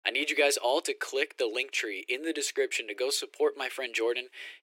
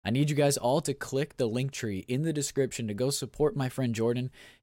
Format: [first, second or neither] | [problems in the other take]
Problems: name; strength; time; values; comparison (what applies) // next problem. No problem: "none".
second | thin; very; fading below 300 Hz